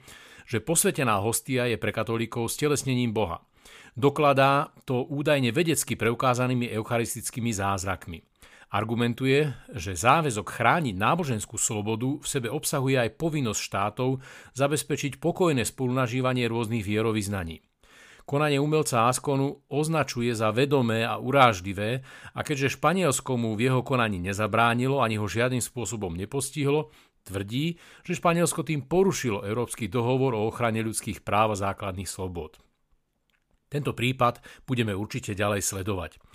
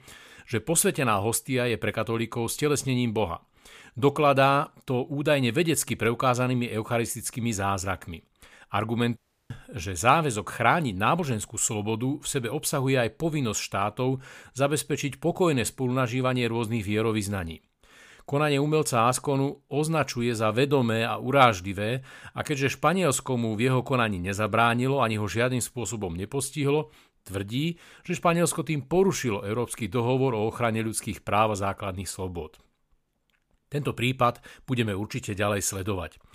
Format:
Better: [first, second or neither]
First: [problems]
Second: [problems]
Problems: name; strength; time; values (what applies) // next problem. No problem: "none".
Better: first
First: none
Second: audio cutting out; at 9 s